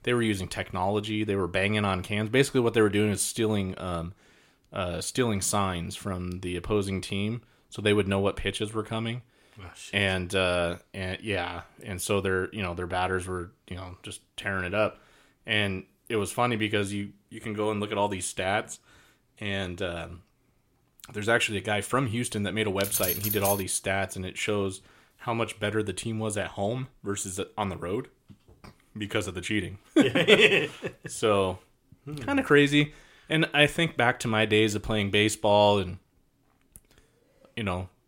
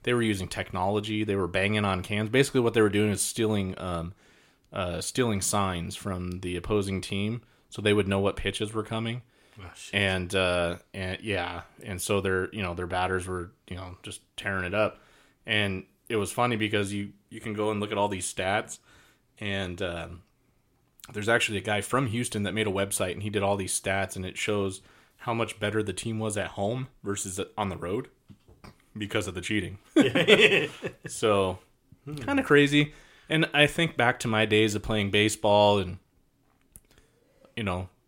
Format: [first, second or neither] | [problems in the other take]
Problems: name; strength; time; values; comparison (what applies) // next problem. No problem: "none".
second | jangling keys; noticeable; at 23 s; peak level with the speech